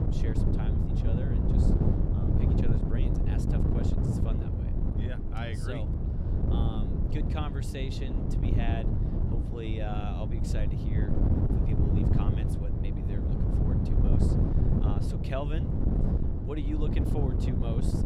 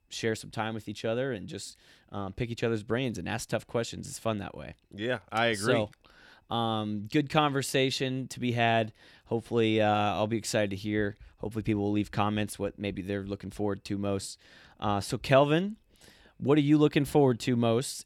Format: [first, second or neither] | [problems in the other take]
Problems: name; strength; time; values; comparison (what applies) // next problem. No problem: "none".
second | wind noise on the microphone; heavy; 3 dB above the speech